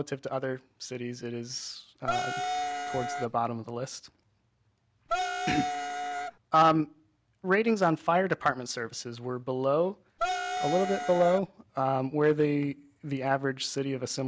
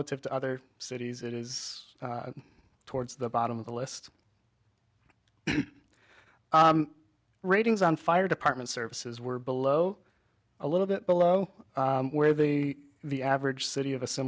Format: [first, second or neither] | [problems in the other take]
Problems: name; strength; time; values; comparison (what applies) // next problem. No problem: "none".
second | background sound (Wind instrument, woodwind instrument); 2 dB below the speech